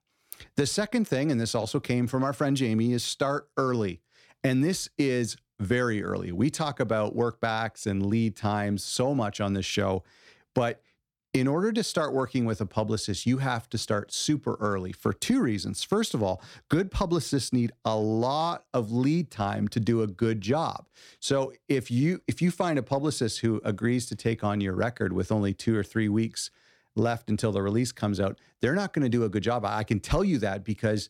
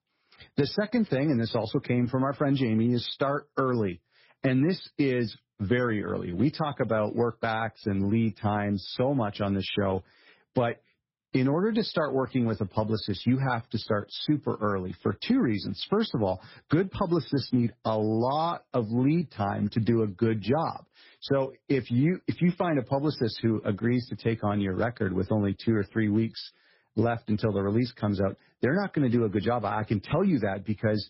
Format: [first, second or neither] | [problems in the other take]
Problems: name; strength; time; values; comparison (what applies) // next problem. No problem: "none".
first | garbled, watery; badly; nothing above 5.5 kHz